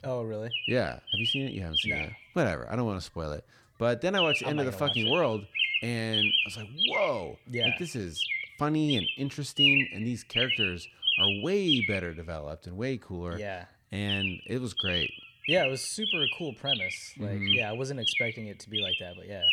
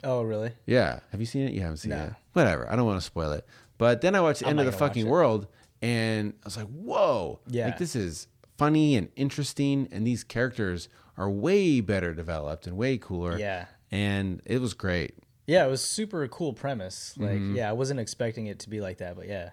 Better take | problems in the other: second | animal sounds; very loud; throughout; 5 dB above the speech

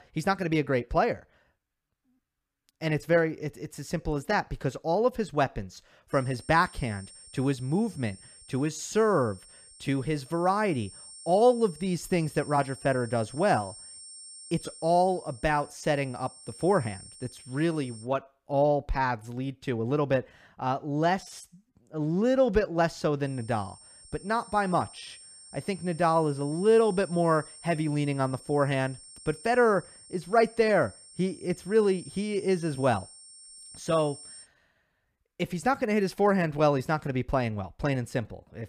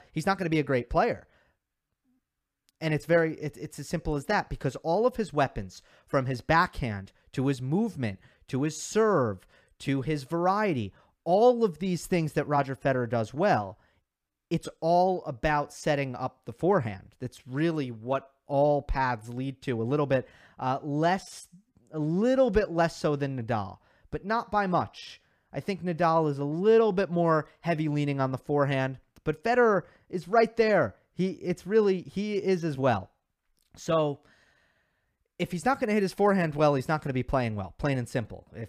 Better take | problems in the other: second | high-pitched whine; noticeable; from 6 to 18 s and from 23 to 34 s; 8.5 kHz, 20 dB below the speech

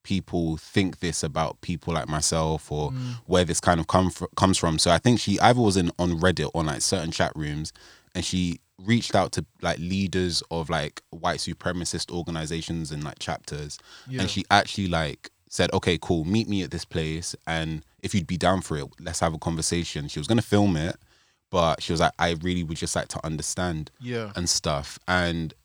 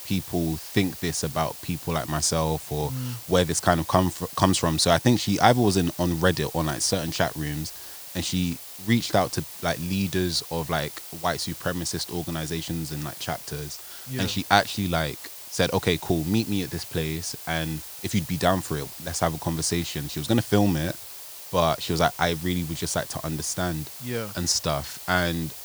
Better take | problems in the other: first | hiss; noticeable; throughout; 10 dB below the speech

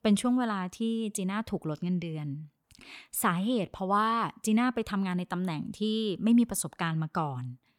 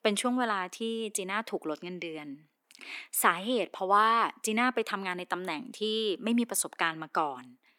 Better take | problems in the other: first | thin; somewhat; fading below 300 Hz

